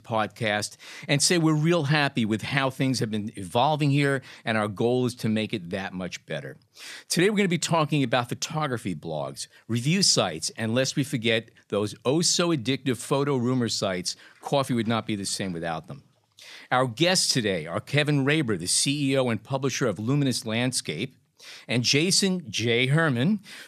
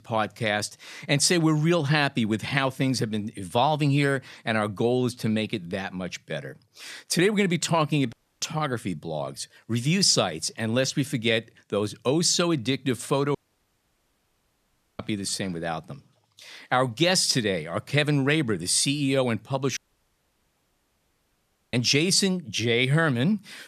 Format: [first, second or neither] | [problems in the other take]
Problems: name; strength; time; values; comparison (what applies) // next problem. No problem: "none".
first | audio cutting out; at 8 s, at 13 s for 1.5 s and at 20 s for 2 s